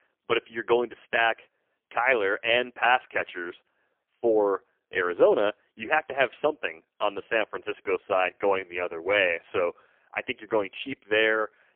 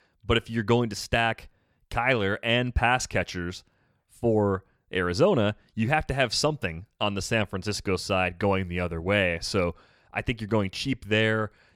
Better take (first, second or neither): second